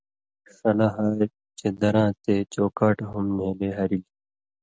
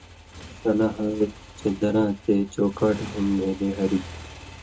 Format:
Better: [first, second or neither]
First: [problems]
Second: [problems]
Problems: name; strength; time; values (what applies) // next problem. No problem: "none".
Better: first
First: none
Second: background sound (Motorcycle); 16 dB below the speech // room echo; dies away in 0.2 s